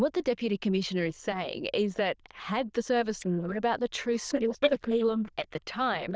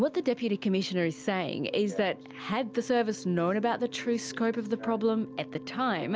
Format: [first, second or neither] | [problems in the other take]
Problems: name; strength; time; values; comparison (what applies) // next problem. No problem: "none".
second | noise reduction (neural diffusion model UNIVERSE++)